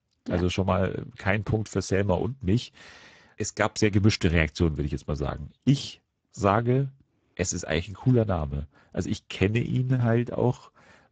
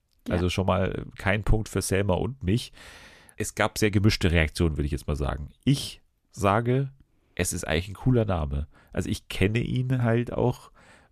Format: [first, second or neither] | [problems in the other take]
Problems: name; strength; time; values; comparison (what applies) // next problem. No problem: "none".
second | garbled, watery; badly; nothing above 7.5 kHz